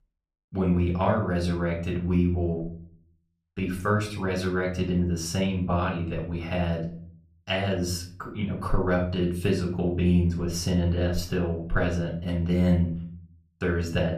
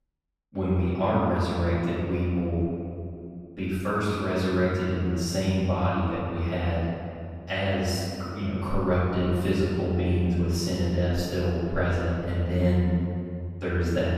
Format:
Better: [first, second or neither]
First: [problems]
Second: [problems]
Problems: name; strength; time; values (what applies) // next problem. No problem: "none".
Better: first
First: room echo; slight; dies away in 0.4 s // off-mic speech; far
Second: room echo; strong; dies away in 2.3 s // off-mic speech; far